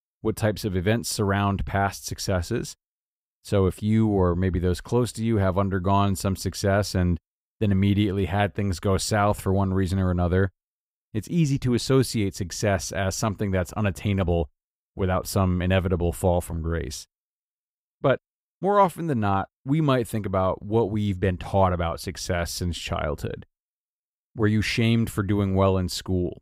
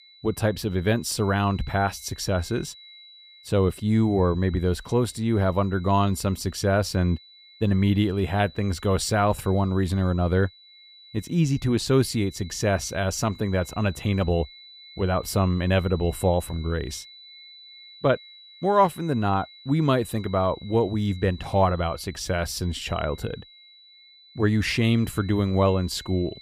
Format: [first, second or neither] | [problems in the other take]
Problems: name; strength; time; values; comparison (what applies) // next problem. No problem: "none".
first | high-pitched whine; faint; throughout; 4 kHz, 20 dB below the speech